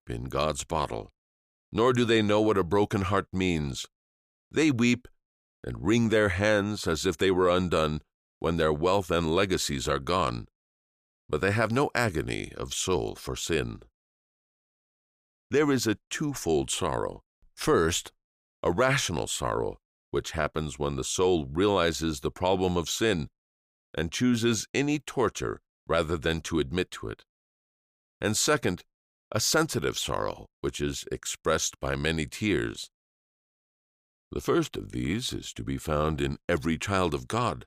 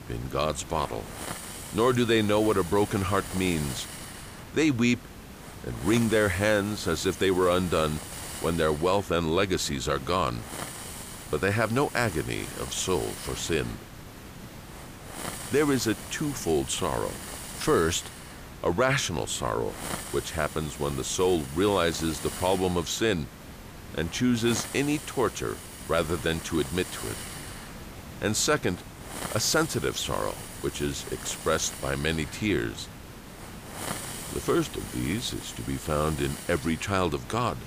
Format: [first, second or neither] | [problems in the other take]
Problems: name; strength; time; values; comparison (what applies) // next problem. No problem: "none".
first | hiss; noticeable; throughout; 10 dB below the speech